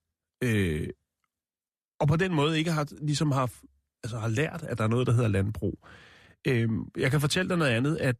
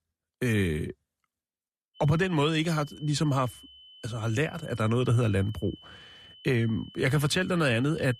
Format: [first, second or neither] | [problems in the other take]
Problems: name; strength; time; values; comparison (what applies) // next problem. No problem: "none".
first | high-pitched whine; faint; from 2 s on; 3 kHz, 20 dB below the speech